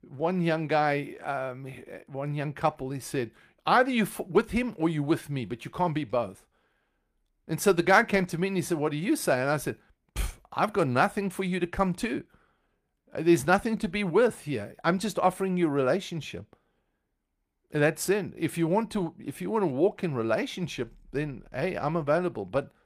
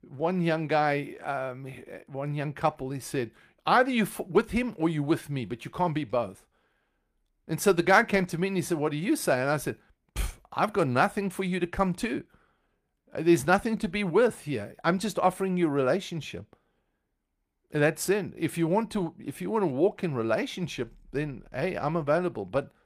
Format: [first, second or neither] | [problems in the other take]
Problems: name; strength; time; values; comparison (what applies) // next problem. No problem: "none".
neither | none